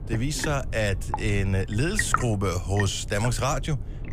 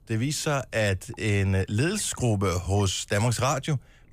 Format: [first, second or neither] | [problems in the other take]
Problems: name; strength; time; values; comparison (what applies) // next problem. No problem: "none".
second | low rumble; loud; throughout; 2 dB below the speech; faint in the second